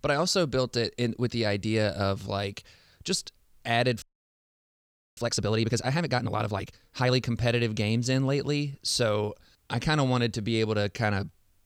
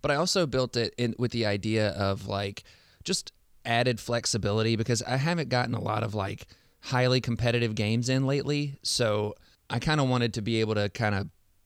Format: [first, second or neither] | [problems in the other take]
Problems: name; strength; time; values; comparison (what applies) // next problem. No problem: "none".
second | audio freezing; at 4 s for 1 s